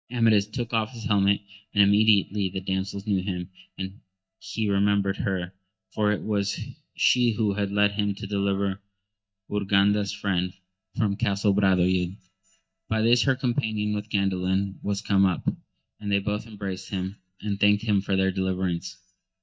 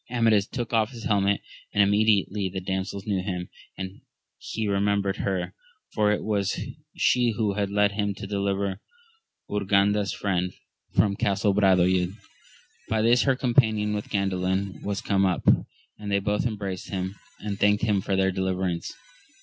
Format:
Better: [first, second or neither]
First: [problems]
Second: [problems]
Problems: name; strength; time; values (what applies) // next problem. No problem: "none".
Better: second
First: noise reduction (neural mask model DeepFilterNet 3)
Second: none